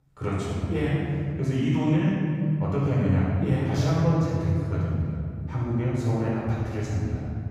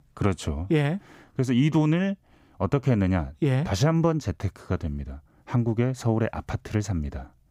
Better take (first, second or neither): second